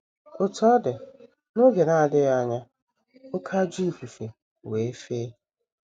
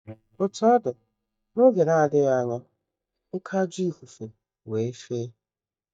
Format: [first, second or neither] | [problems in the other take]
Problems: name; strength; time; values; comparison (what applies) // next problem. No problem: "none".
first | noise reduction (neural mask model DeepFilterNet 3)